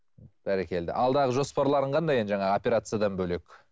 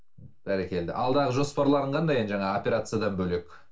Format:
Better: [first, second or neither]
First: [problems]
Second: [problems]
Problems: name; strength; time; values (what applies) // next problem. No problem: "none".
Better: first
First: none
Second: room echo; dies away in 0.2 s